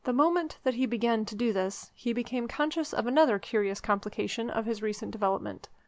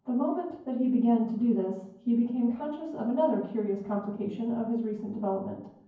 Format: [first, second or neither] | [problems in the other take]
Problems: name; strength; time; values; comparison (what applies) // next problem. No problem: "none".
first | room echo; dies away in 0.9 s